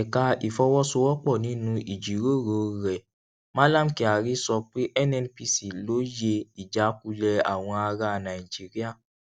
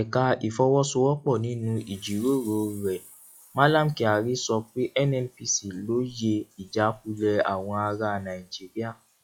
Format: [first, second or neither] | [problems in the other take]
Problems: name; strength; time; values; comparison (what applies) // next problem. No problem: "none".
first | noise reduction (classical method log-MMSE)